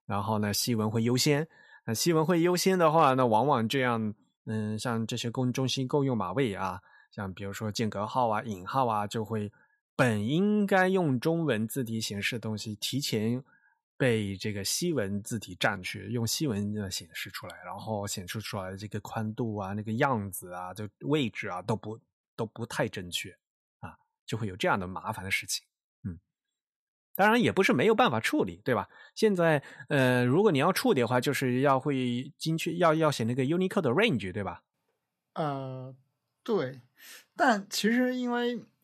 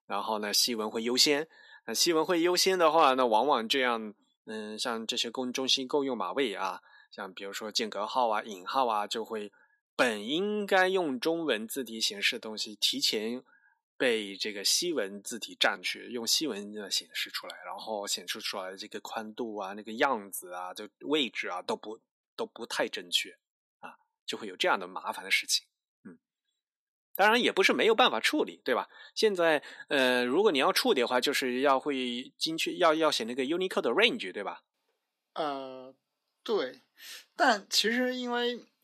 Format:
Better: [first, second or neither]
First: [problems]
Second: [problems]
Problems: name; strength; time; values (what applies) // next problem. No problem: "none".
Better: first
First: none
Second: thin; somewhat; fading below 250 Hz